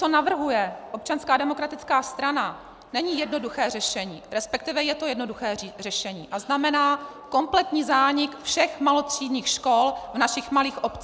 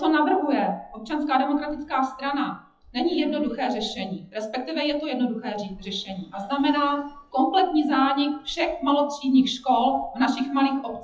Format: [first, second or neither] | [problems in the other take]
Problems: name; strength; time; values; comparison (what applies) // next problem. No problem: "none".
first | noise reduction (classical method WPE with log-MMSE)